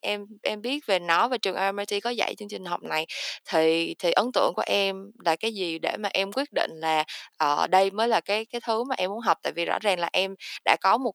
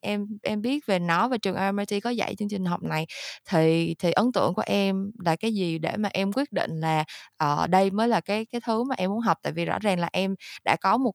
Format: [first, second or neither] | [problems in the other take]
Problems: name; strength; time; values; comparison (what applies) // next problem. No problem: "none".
second | thin; somewhat; fading below 350 Hz